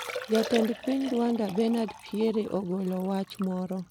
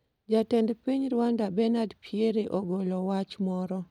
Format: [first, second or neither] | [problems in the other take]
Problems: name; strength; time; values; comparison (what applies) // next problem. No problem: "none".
second | background sound (Liquid); 12 dB below the speech